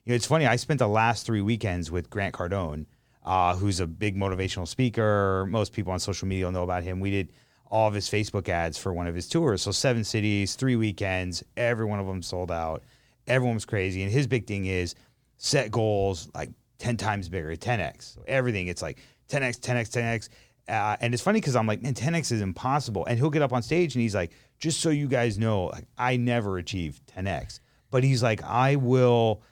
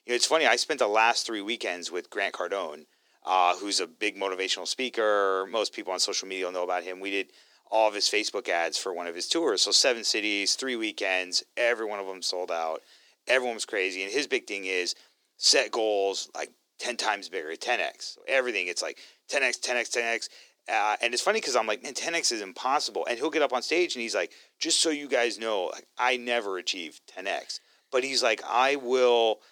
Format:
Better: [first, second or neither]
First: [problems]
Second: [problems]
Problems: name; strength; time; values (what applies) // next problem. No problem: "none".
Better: first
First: none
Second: thin; very; fading below 350 Hz